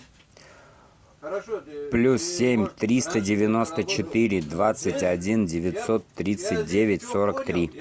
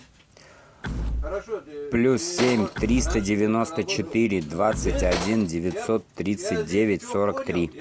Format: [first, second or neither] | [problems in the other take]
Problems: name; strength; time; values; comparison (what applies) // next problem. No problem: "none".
first | background sound (Tools + Door / Wood); 7 dB below the speech